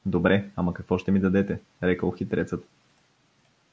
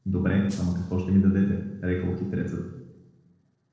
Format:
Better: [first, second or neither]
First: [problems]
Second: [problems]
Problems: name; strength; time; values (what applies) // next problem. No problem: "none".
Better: first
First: none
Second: noise reduction (neural separator model SepFormer DNS4)